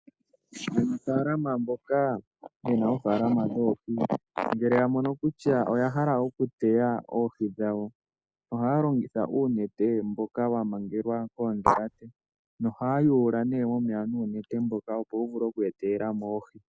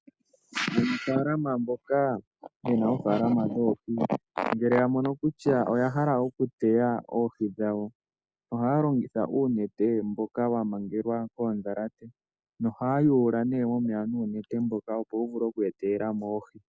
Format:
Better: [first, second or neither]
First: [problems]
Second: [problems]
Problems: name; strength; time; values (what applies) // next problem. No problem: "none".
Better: second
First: noise reduction (neural mask model Resemble Enhance denoiser)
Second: none